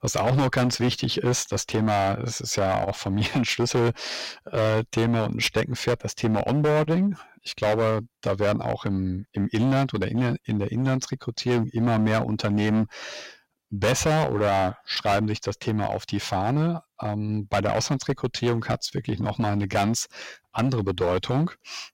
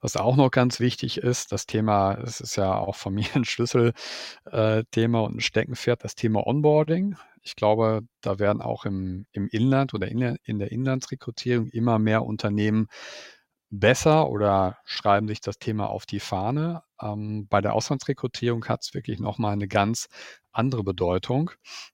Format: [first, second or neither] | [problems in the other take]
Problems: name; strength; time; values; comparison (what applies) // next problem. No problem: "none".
second | distortion; heavy; 11% of the sound clipped